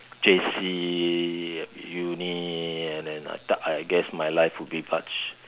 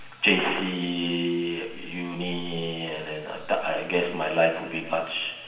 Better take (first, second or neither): first